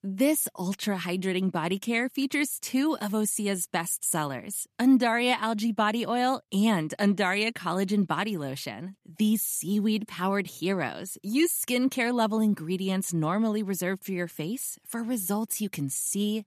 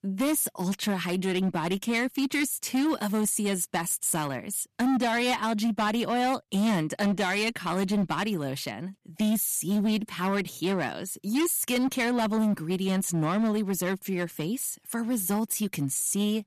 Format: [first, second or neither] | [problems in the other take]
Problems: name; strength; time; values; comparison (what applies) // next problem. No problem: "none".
first | distortion; slight; 13% of the sound clipped